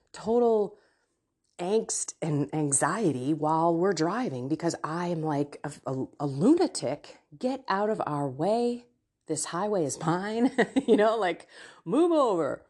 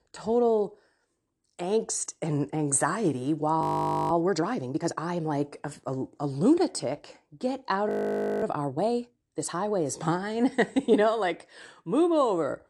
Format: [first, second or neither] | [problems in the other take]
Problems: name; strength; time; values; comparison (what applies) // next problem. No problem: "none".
first | audio freezing; at 3.5 s and at 8 s for 0.5 s